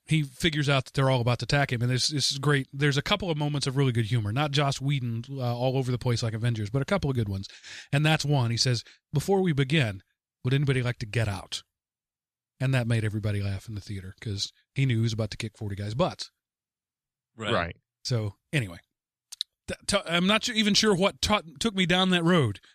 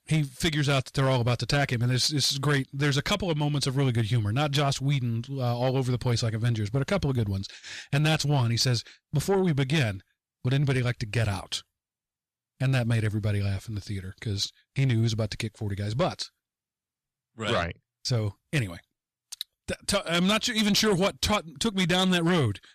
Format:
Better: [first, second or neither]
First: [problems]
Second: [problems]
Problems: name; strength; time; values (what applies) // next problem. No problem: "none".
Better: first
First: none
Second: distortion; slight; 10 dB below the speech